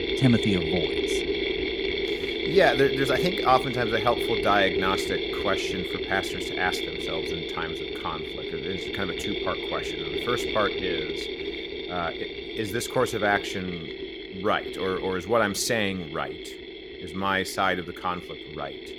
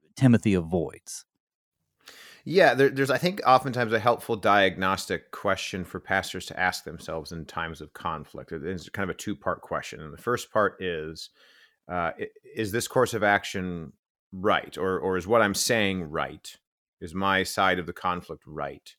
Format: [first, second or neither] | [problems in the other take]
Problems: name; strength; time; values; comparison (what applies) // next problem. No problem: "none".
second | machinery noise; loud; throughout; 3 dB below the speech